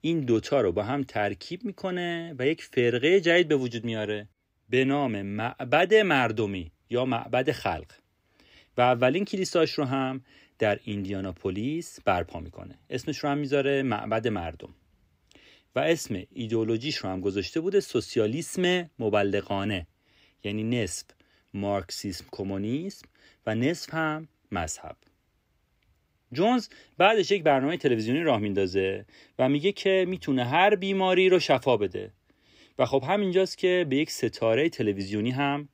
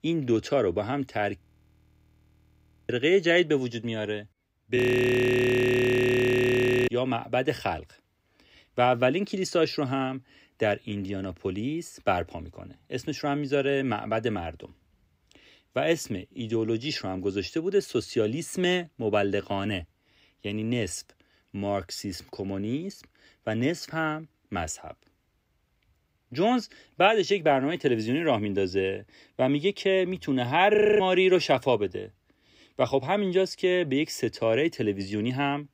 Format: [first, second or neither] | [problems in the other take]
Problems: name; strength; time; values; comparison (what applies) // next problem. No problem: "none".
first | audio freezing; at 1.5 s for 1.5 s, at 5 s for 2 s and at 31 s